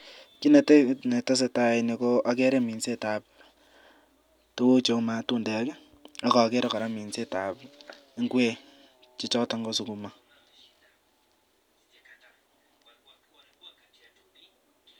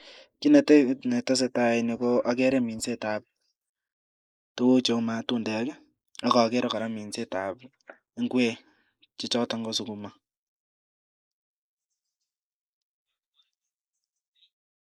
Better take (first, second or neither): first